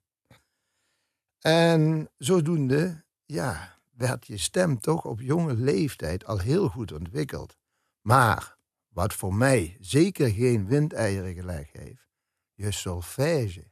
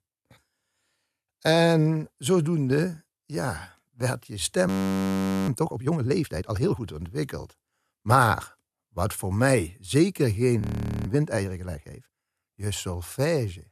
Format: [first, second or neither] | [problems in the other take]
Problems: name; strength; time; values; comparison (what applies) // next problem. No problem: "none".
first | audio freezing; at 4.5 s for 1 s and at 11 s